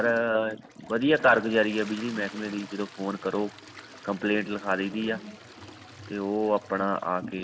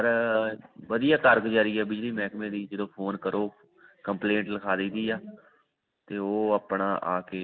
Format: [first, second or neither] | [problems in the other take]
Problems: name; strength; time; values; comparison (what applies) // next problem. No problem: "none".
second | background sound (Toilet flush); 18 dB below the speech